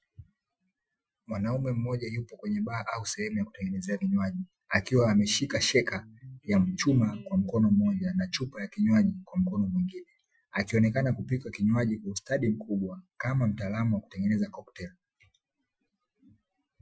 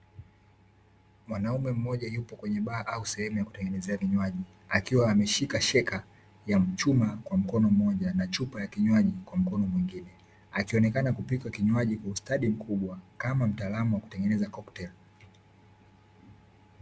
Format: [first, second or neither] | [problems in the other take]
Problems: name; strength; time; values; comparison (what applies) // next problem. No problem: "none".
second | noise reduction (classical method Wiener filter)